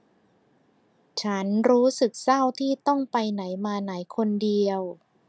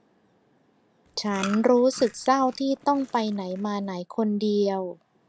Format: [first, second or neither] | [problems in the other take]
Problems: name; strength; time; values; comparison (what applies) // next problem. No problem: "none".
first | background sound (Chewing, mastication); 17 dB below the speech